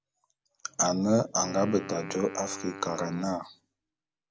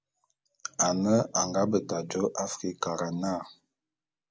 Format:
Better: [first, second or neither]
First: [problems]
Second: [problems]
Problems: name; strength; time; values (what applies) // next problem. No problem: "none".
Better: second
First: background sound (Wind instrument, woodwind instrument); 14 dB below the speech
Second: none